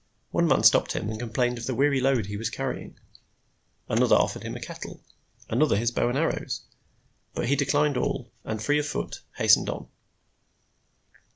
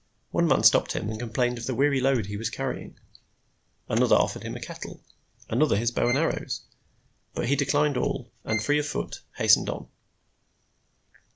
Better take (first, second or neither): first